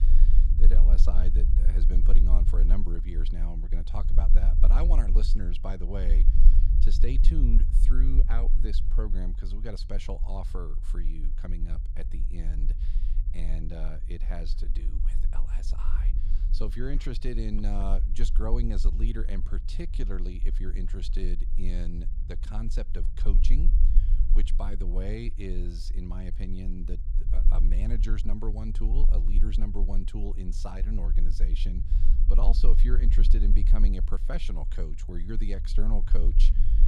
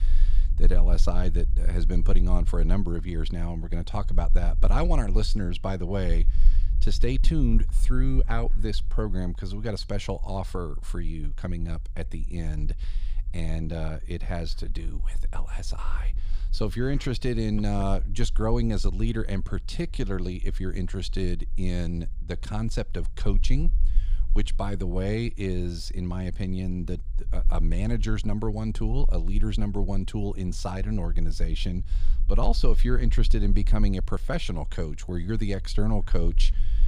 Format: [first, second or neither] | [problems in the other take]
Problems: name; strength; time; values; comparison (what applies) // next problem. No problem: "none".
second | low rumble; loud; throughout; 9 dB below the speech; faint in the second